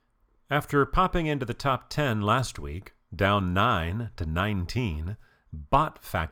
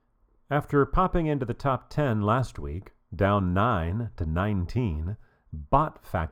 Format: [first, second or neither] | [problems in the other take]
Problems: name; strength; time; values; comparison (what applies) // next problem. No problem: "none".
first | muffled; slightly; fading above 1.5 kHz